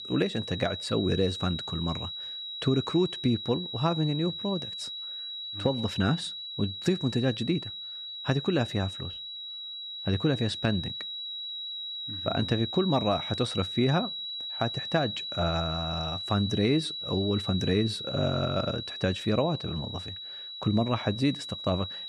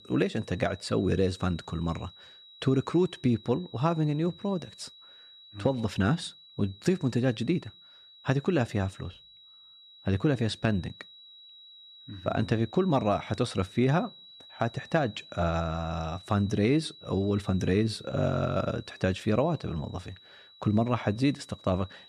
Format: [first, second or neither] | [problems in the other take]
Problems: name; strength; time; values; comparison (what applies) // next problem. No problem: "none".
second | high-pitched whine; loud; throughout; 4 kHz, 5 dB below the speech; faint in the second